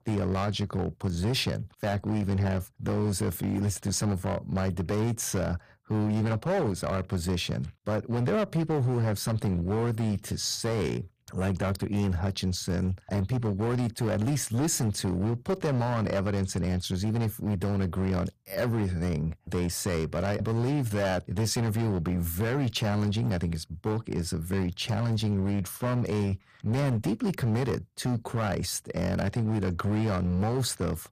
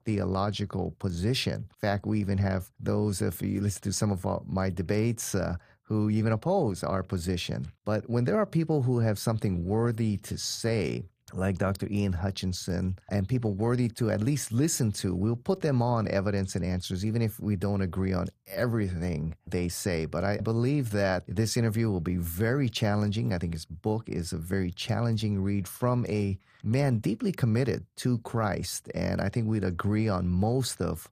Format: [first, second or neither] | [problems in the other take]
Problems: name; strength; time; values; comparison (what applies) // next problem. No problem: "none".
second | distortion; slight; 14% of the sound clipped